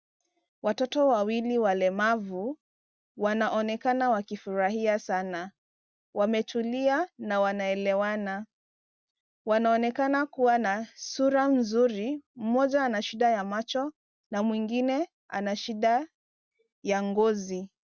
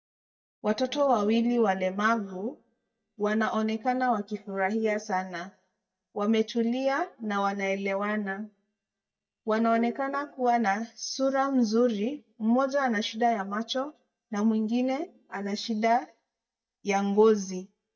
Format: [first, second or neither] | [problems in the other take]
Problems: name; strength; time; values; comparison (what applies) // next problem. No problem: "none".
first | noise reduction (neural mask model DeepFilterNet 3)